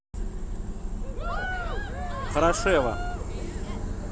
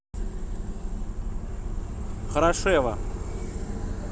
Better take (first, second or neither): second